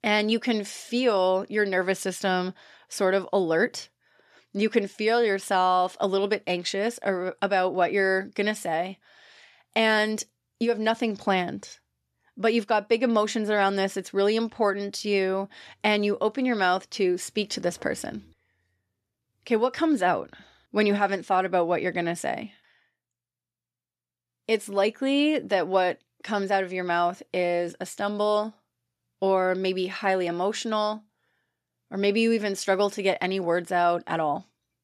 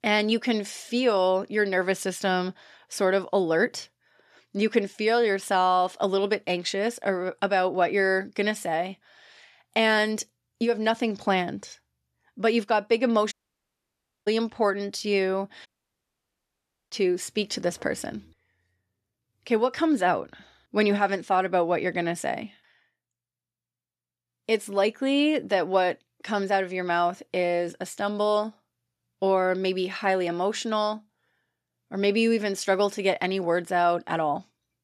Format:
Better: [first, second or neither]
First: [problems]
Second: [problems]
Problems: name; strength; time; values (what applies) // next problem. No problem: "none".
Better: first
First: none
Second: audio cutting out; at 13 s for 1 s and at 16 s for 1.5 s